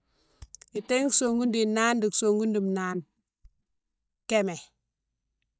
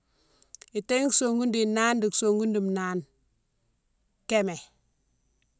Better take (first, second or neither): second